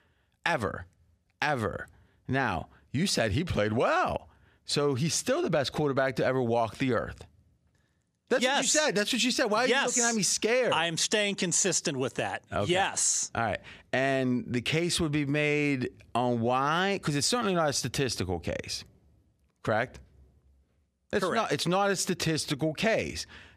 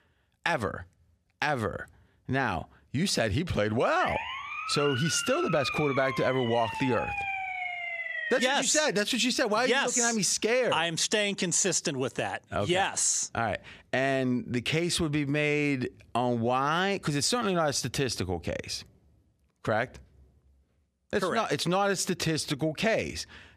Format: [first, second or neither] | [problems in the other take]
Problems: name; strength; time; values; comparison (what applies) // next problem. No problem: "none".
first | siren; noticeable; from 4 to 8.5 s; peak 4 dB below the speech